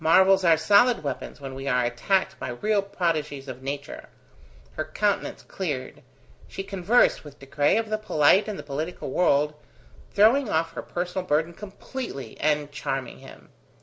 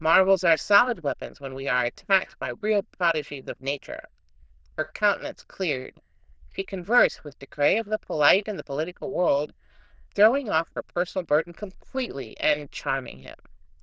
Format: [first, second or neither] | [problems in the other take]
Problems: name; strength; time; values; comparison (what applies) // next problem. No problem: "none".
first | noise reduction (neural diffusion model UNIVERSE++)